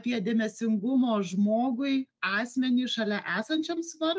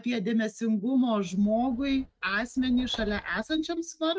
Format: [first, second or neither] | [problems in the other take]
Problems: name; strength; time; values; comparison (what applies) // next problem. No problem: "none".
first | noise reduction (neural mask model RNNoise)